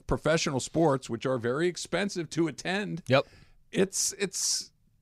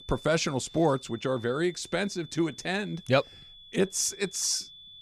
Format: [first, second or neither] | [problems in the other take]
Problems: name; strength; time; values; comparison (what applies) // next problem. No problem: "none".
first | high-pitched whine; noticeable; throughout; 3.5 kHz, 20 dB below the speech